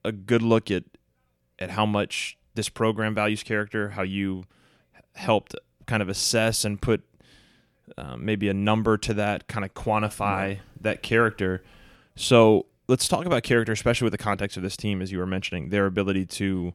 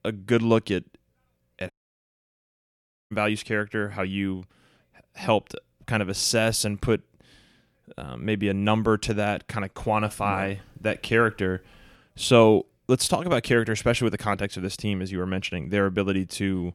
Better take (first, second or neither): first